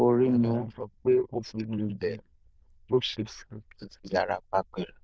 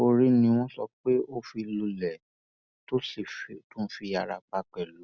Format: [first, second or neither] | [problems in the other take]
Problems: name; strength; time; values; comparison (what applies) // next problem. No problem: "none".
second | noise reduction (neural diffusion model UNIVERSE++)